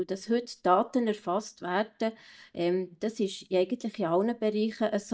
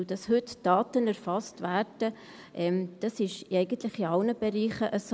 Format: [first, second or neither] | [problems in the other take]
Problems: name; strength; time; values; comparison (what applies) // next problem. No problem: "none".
second | noise reduction (neural mask model DeepFilterNet 3)